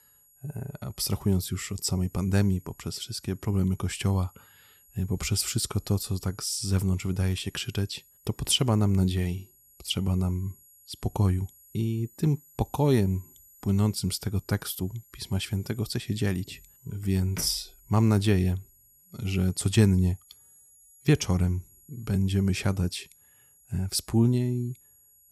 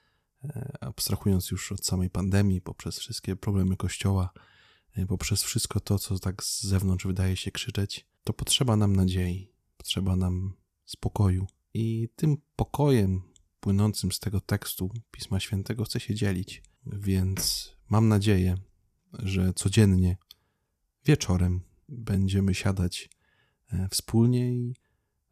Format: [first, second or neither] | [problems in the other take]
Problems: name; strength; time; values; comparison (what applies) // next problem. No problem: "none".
second | high-pitched whine; faint; throughout; 11.5 kHz, 25 dB below the speech